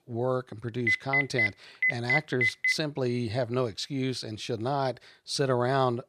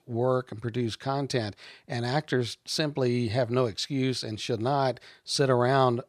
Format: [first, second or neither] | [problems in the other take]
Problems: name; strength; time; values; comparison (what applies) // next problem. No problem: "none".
second | phone ringing; loud; from 1 to 2.5 s; peak 6 dB above the speech